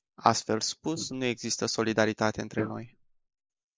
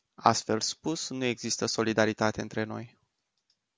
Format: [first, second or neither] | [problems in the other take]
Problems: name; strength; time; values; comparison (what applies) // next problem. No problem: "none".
second | noise reduction (neural mask model Resemble Enhance denoiser)